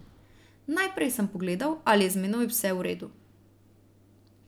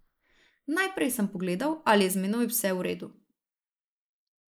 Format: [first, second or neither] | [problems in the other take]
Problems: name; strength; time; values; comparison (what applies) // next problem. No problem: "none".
first | noise reduction (neural mask model Resemble Enhance denoiser)